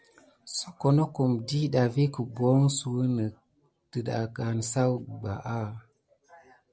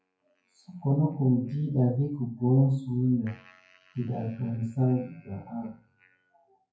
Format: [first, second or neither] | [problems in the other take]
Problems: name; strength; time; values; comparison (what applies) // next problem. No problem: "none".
first | noise reduction (classical method WPE with log-MMSE)